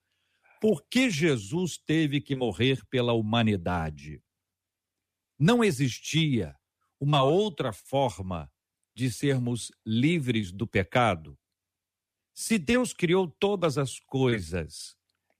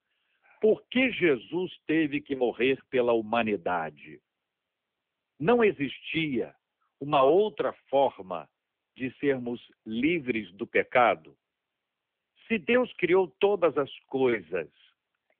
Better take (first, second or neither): first